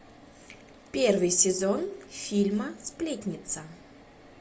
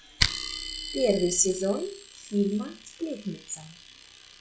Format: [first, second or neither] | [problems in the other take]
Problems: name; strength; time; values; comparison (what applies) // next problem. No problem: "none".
first | noise reduction (classical method log-MMSE)